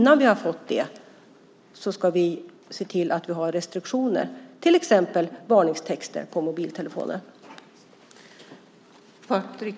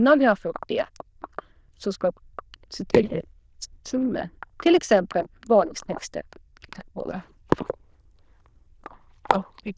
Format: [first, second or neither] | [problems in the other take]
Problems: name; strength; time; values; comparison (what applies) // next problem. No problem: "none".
first | noise reduction (neural diffusion model UNIVERSE++)